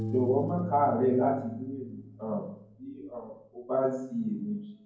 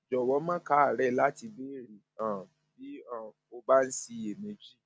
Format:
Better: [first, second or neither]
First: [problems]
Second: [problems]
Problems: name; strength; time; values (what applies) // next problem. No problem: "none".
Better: second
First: background sound (Piano); 11 dB below the speech // room echo; dies away in 0.9 s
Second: none